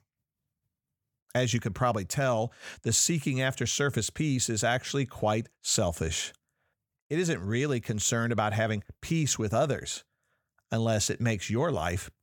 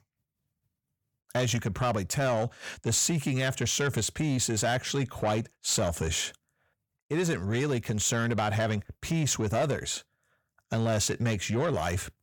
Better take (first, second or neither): first